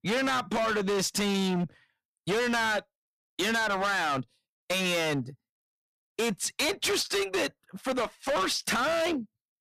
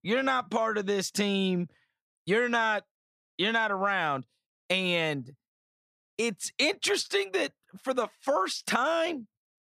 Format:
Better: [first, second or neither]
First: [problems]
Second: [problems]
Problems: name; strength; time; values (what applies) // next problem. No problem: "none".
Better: second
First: distortion; heavy; 24% of the sound clipped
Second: none